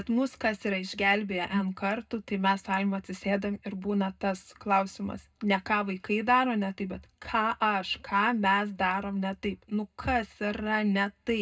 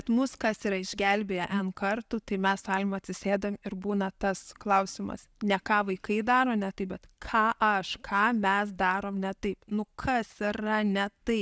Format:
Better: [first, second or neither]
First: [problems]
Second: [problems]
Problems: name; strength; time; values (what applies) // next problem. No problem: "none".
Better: second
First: room echo; dies away in 0.2 s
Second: none